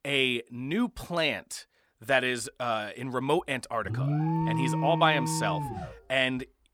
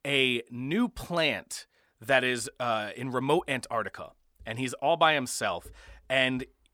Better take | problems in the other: second | alarm; loud; from 4 to 6 s; peak 1 dB above the speech

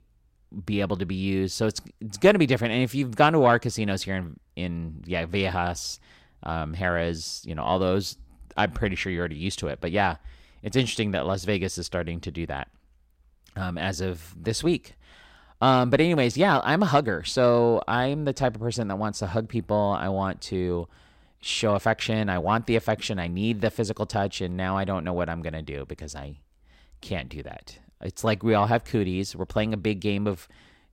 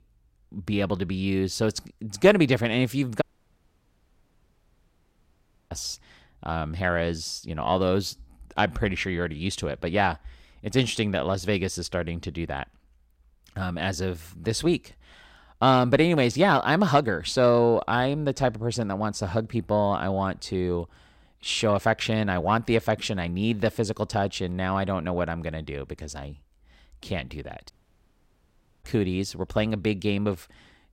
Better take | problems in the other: first | audio cutting out; at 3 s for 2.5 s and at 28 s for 1 s

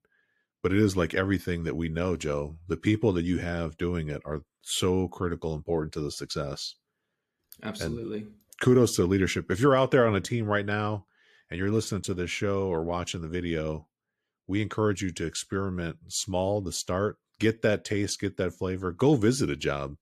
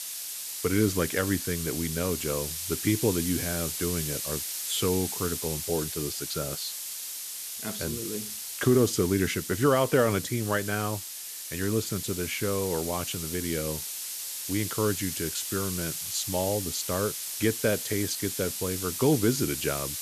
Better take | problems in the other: first | hiss; loud; throughout; 3 dB below the speech

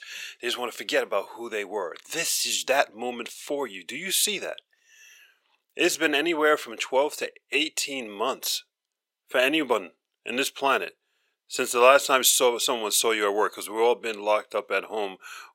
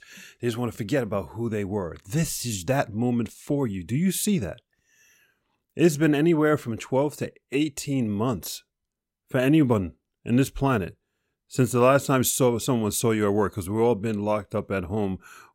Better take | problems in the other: second | thin; very; fading below 450 Hz

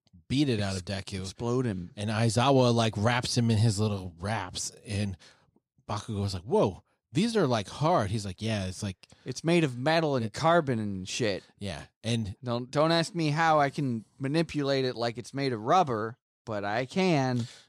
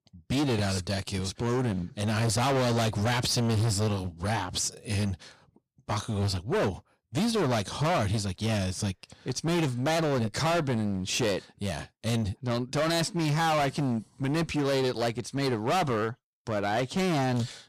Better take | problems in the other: first | distortion; heavy; 22% of the sound clipped

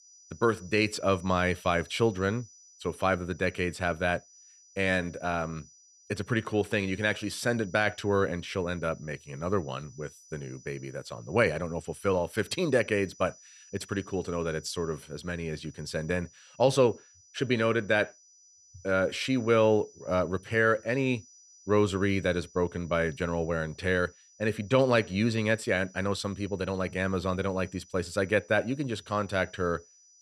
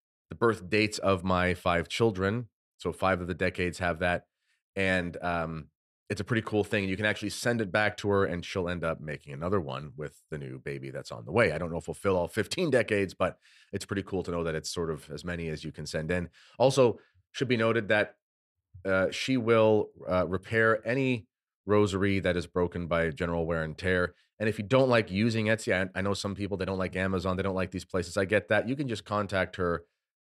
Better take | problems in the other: second | high-pitched whine; faint; throughout; 6 kHz, 25 dB below the speech

